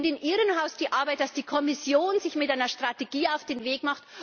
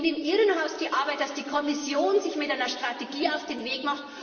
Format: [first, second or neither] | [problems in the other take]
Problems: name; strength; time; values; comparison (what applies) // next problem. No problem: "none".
first | room echo; dies away in 1.9 s